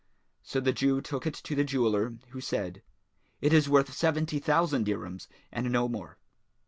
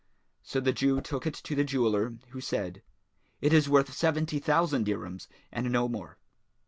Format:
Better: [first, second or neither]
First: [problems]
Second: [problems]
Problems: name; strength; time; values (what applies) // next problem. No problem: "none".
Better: first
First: none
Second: background sound (Whoosh, swoosh, swish); 13 dB below the speech